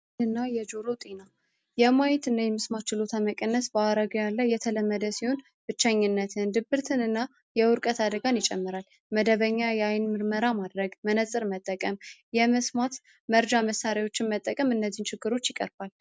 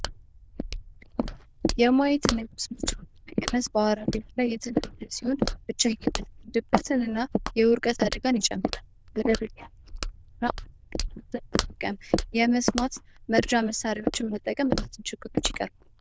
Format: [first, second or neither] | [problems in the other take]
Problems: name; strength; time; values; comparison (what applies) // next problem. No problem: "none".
first | noise reduction (neural diffusion model UNIVERSE++)